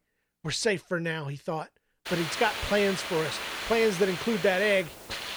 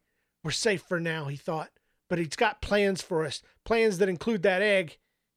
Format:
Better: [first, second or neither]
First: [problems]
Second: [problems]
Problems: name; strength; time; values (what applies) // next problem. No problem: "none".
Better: second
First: hiss; loud; from 2 s on; 6 dB below the speech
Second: none